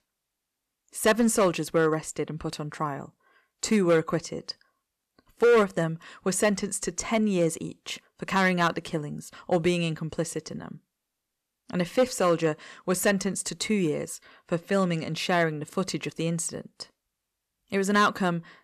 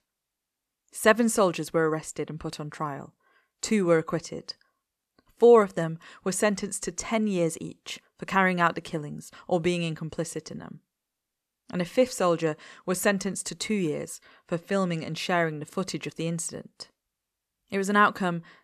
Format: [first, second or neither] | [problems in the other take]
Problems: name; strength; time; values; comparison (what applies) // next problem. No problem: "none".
second | distortion; slight; 2% of the sound clipped